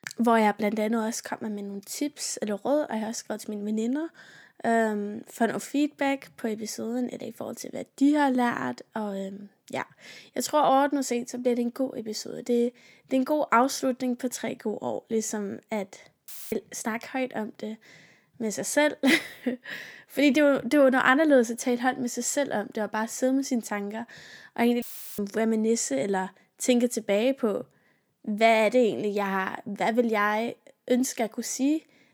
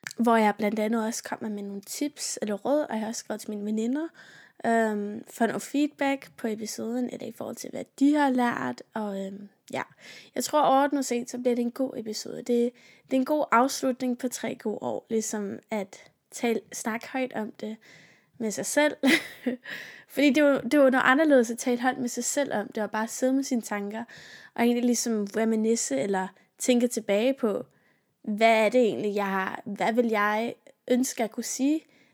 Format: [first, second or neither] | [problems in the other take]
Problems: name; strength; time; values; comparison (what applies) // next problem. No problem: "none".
second | audio cutting out; filled with static; at 16 s and at 25 s